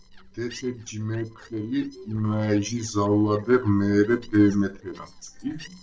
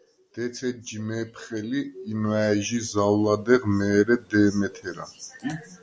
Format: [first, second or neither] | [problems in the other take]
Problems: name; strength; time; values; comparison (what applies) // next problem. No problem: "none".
second | noise reduction (neural separator model SepFormer DNS4)